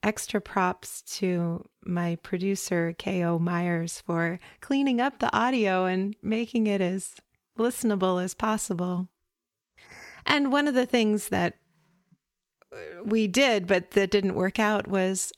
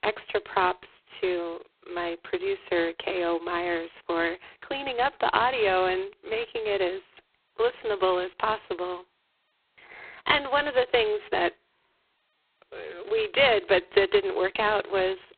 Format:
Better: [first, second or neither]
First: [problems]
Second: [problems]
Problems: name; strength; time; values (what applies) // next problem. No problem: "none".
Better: first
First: none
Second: phone-call audio; poor line; nothing above 4 kHz